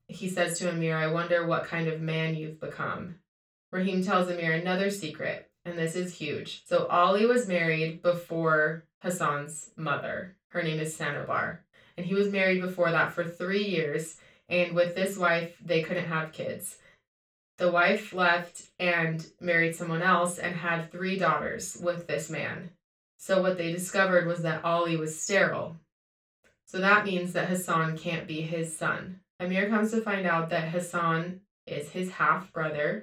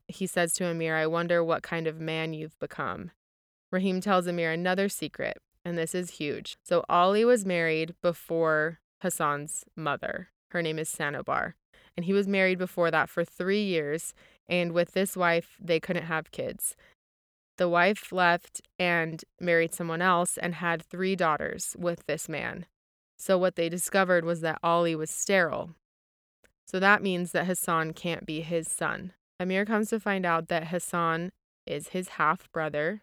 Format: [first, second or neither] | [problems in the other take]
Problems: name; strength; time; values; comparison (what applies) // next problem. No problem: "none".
second | room echo; noticeable; dies away in 0.2 s // off-mic speech; far